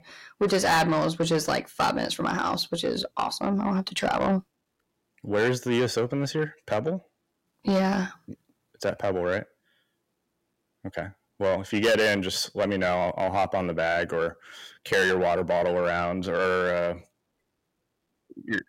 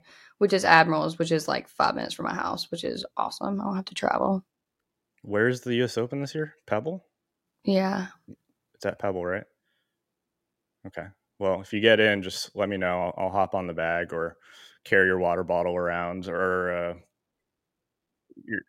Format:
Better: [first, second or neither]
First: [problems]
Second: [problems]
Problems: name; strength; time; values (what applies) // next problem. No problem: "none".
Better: second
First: distortion; heavy; 7 dB below the speech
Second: none